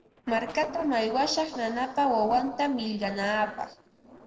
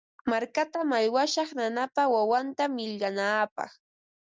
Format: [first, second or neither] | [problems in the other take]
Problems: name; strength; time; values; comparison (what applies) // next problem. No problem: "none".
second | noise reduction (neural separator model SepFormer DNS4)